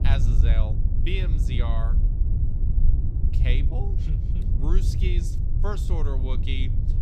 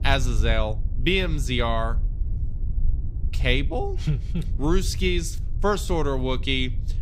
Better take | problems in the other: second | low rumble; loud; throughout; 5 dB below the speech; faint in the second

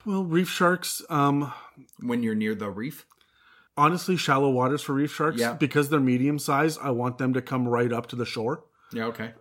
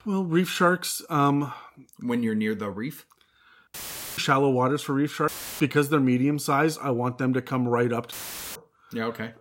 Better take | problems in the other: first | audio cutting out; filled with static; at 3.5 s, at 5.5 s and at 8 s

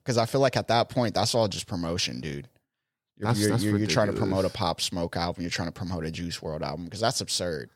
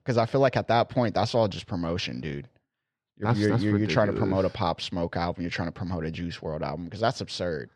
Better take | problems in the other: first | muffled; slightly; fading above 3 kHz

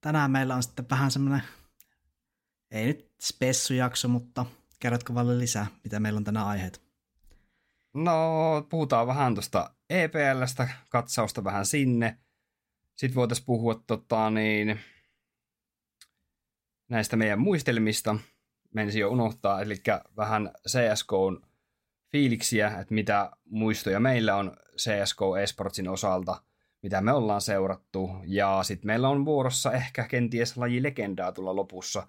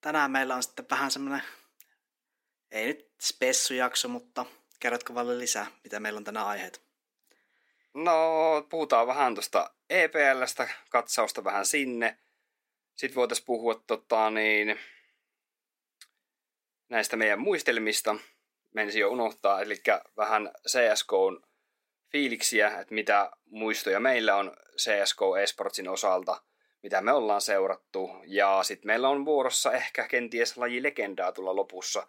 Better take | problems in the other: first | thin; somewhat; fading below 350 Hz

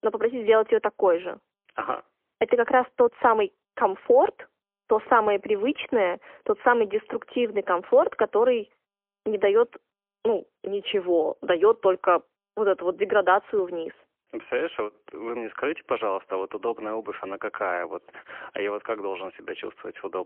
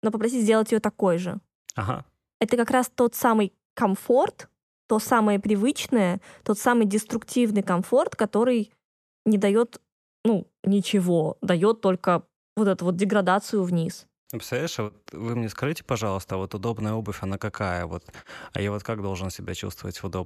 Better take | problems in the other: second | phone-call audio; poor line; nothing above 3 kHz

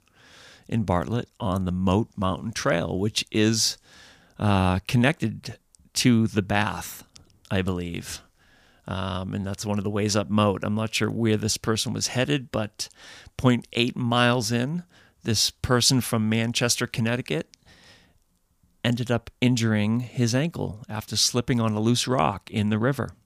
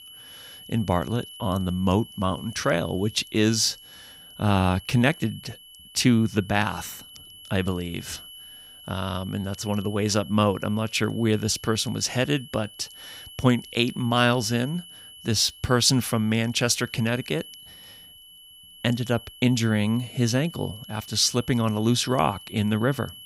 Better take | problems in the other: first | high-pitched whine; noticeable; throughout; 3 kHz, 20 dB below the speech

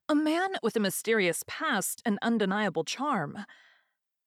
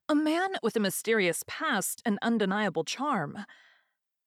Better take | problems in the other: neither | none

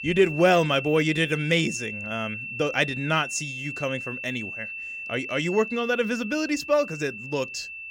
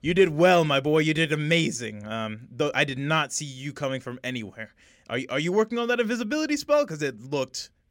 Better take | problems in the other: second | high-pitched whine; loud; throughout; 2.5 kHz, 8 dB below the speech

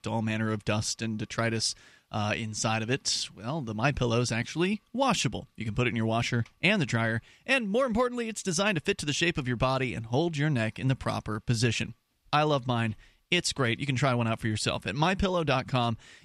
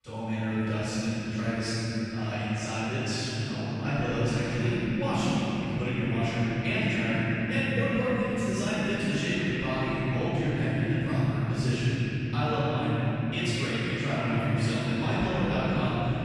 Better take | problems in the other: first | off-mic speech; far // room echo; strong; dies away in 3 s

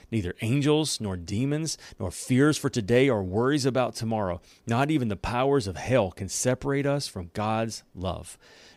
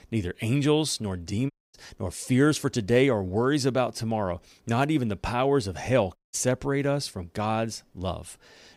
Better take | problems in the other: first | audio cutting out; at 1.5 s and at 6 s

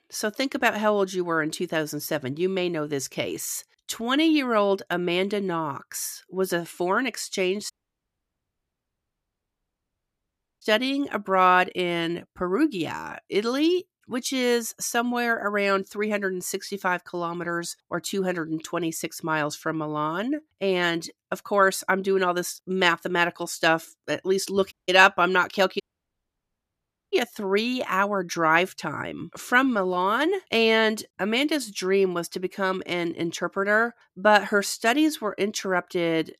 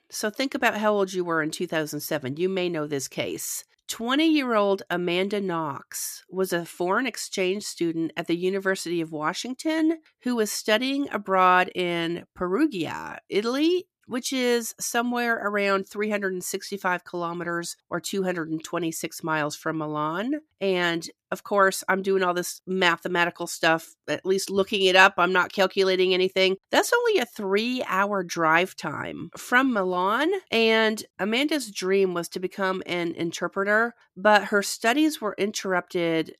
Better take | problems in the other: second | audio cutting out; at 7.5 s for 3 s, at 25 s and at 26 s for 1.5 s

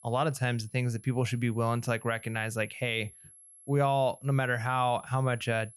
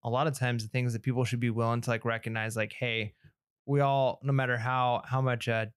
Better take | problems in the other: second | high-pitched whine; faint; throughout; 11 kHz, 20 dB below the speech

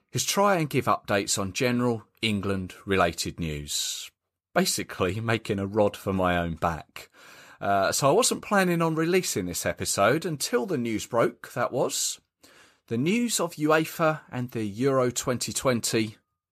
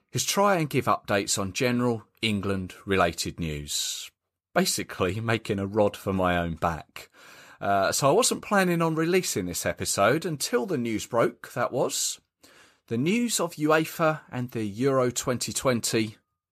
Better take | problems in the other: neither | none

